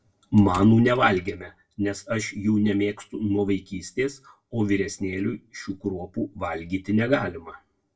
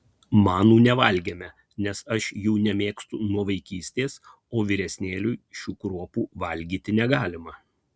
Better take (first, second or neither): second